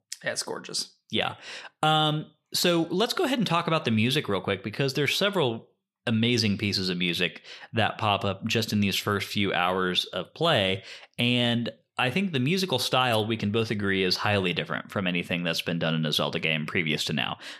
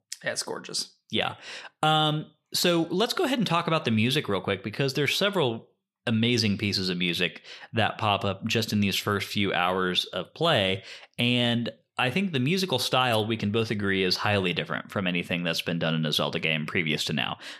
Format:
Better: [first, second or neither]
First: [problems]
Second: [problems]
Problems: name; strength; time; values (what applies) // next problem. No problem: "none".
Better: neither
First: none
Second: none